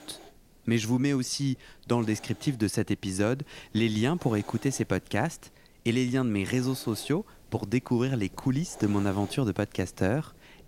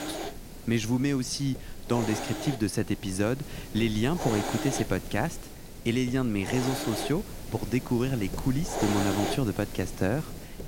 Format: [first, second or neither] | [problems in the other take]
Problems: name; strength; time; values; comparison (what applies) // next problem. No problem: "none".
first | hiss; loud; throughout; 7 dB below the speech; faint in the first